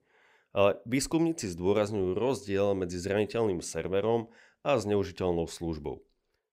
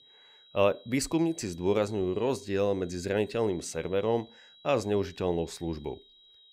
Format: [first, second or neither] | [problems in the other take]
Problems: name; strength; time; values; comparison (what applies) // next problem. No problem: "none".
first | high-pitched whine; faint; throughout; 4 kHz, 25 dB below the speech